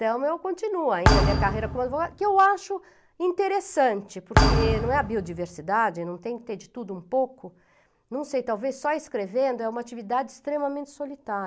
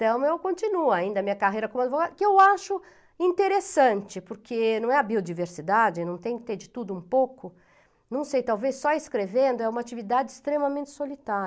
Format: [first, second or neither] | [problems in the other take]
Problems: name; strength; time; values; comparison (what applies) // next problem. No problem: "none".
second | background sound (Thump, thud); 2 dB above the speech